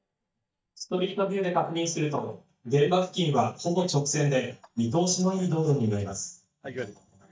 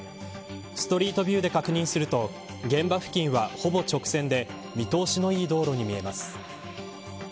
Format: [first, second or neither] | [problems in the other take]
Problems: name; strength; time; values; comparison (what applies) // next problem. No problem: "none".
second | noise reduction (neural mask model DeepFilterNet 3)